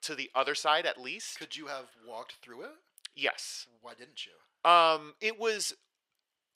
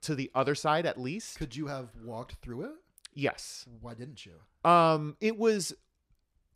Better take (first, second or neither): second